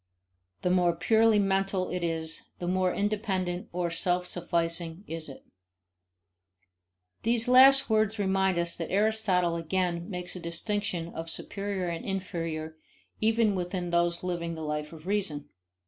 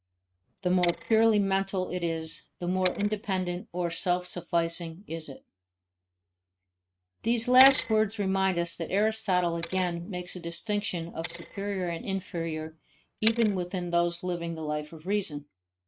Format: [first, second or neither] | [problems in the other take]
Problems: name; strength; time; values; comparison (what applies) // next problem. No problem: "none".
first | noise reduction (neural mask model RNNoise)